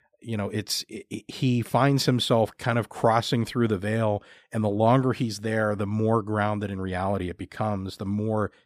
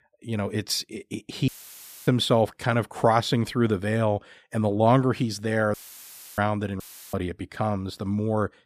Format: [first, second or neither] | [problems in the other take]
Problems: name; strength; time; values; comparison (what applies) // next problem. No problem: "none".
first | audio cutting out; filled with static; at 1.5 s for 0.5 s, at 5.5 s for 0.5 s and at 7 s